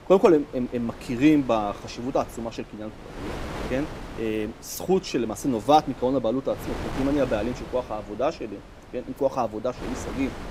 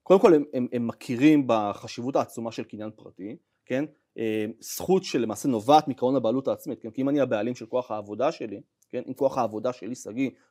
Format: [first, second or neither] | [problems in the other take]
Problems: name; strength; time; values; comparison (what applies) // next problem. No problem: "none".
second | wind noise on the microphone; occasional gusts; 15 dB below the speech